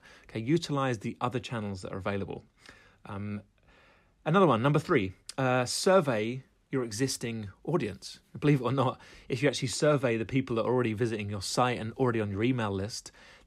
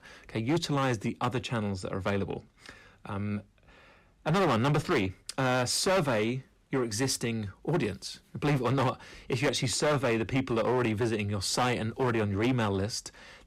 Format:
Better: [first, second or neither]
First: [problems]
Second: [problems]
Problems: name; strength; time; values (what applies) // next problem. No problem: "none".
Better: first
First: none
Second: distortion; heavy; 10% of the sound clipped